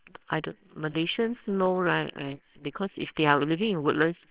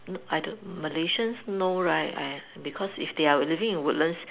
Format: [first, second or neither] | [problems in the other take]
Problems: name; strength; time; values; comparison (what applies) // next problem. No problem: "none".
second | noise reduction (neural separator model SepFormer WHAMR!)